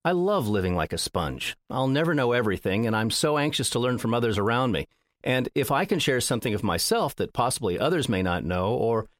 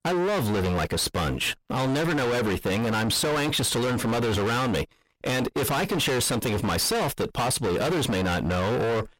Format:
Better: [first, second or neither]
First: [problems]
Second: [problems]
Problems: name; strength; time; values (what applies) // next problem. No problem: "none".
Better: first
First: none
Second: distortion; heavy; 44% of the sound clipped